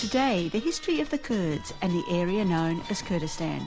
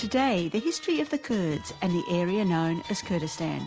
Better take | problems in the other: second | background sound (Livestock, farm animals, working animals + Gong); 15 dB below the speech

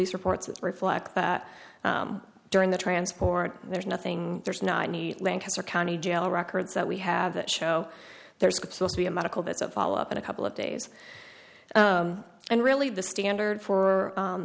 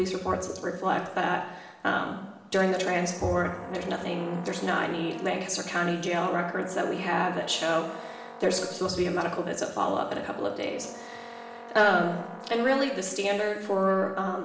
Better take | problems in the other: first | background sound (Brass instrument); 16 dB below the speech // room echo; dies away in 1 s

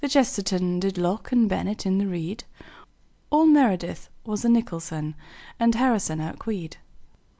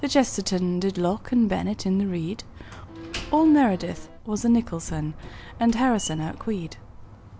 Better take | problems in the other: first | background sound (Slam + Accordion); 17 dB below the speech

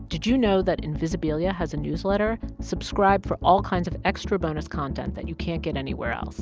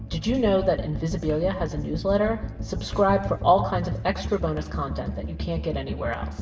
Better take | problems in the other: first | background sound (Musical instrument); 20 dB below the speech // room echo; dies away in 0.8 s

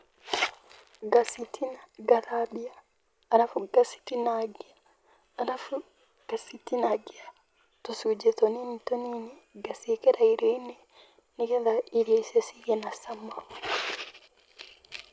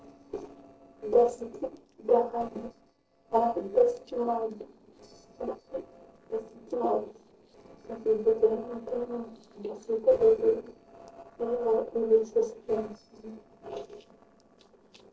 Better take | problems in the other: first | noise reduction (neural separator model SepFormer DNS4)

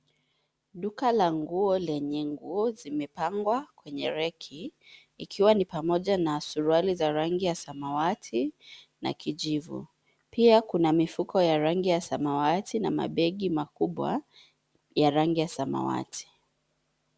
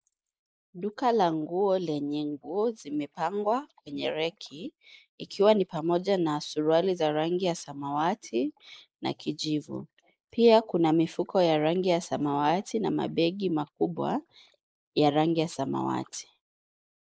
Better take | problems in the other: first | noise reduction (neural mask model Resemble Enhance denoiser)

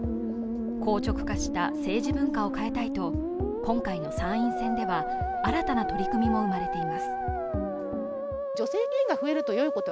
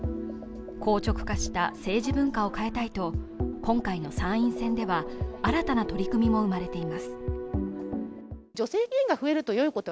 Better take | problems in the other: second | background sound (Musical instrument); 1 dB below the speech

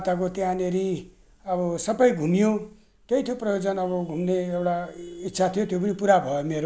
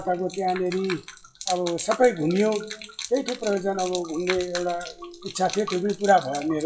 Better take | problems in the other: first | noise reduction (classical method WPE with log-MMSE)

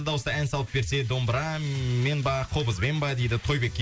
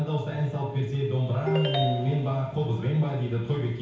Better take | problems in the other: first | background sound (Ringtone); 4 dB below the speech // room echo; dies away in 1 s

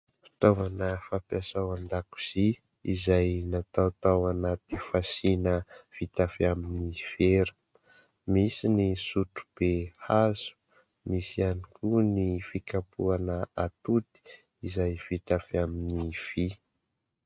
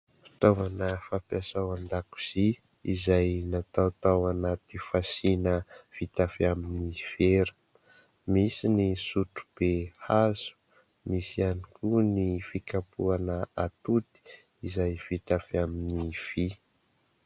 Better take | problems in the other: second | noise reduction (neural mask model RNNoise)

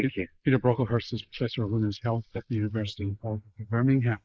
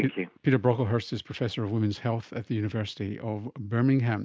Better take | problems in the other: second | noise reduction (neural mask model Resemble Enhance denoiser)

